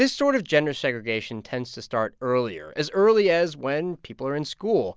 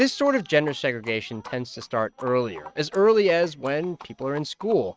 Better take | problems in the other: first | noise reduction (neural mask model RNNoise)

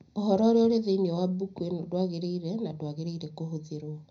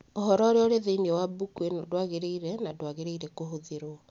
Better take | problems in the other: second | room echo; dies away in 0.4 s

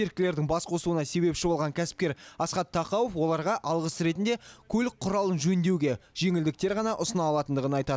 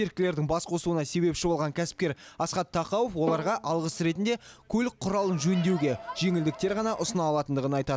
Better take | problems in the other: first | background sound (Bowed string instrument + Crowd); 14 dB below the speech

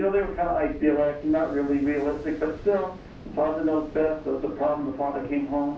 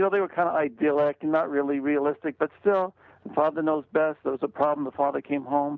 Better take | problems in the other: second | background sound (Waves, surf); 17 dB below the speech // room echo; dies away in 0.3 s

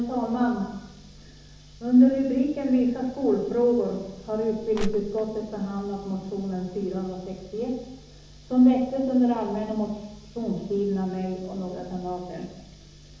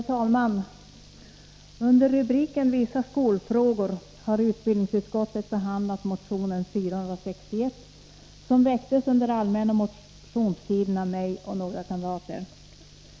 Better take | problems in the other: second | background sound (Crushing); 5 dB below the speech // room echo; dies away in 0.9 s

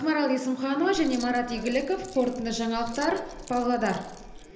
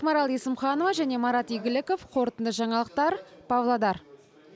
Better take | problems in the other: second | background sound (Keys jangling); 16 dB below the speech // room echo; dies away in 0.8 s

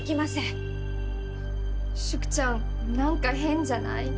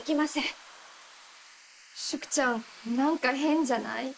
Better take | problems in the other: first | noise reduction (neural mask model Resemble Enhance denoiser)

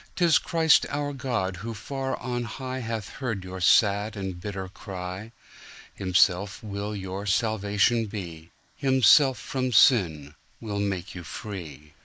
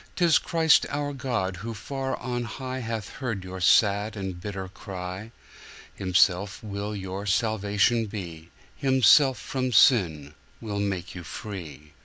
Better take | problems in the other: second | noise reduction (neural mask model Resemble Enhance denoiser)

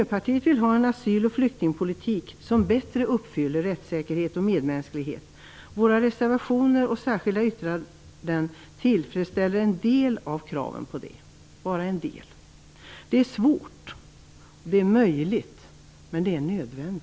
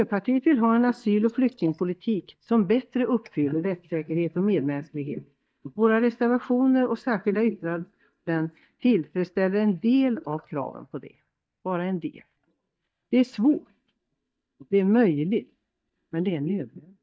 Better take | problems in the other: first | noise reduction (neural mask model DeepFilterNet 3)

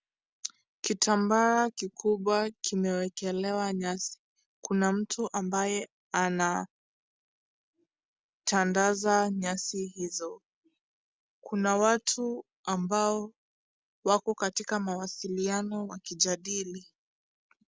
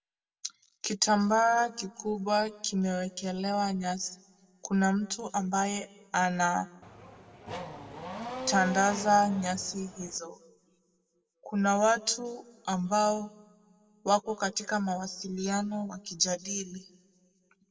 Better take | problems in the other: first | background sound (Race car, auto racing / Accelerating, revving, vroom); 10 dB below the speech // room echo; dies away in 1 s

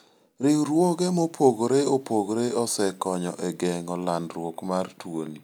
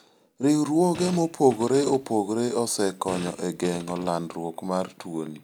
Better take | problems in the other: first | background sound (Fart); 16 dB below the speech

